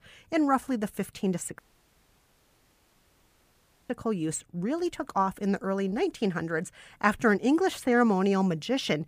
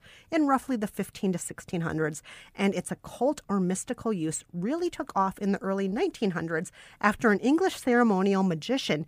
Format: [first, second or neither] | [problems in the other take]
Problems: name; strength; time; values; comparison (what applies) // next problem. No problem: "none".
second | audio cutting out; at 1.5 s for 2.5 s